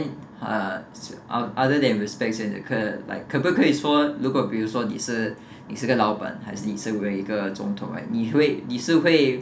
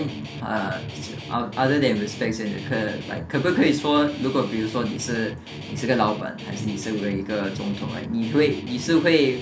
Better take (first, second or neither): first